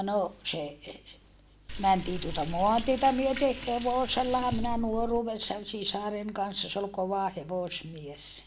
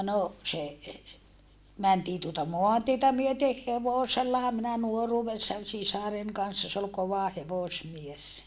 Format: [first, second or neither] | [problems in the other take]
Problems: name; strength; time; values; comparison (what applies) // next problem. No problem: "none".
second | background sound (Liquid); 7 dB below the speech